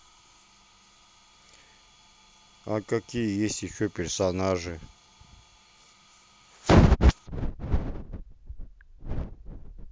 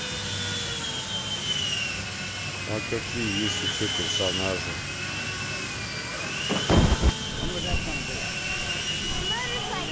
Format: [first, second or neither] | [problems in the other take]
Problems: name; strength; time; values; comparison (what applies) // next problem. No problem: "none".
first | background sound (Sawing); 2 dB above the speech